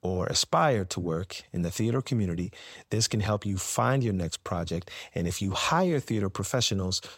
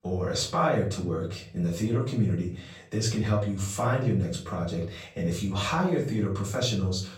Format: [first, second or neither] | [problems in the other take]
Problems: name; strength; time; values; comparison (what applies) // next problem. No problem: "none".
first | off-mic speech; far // room echo; slight; dies away in 0.4 s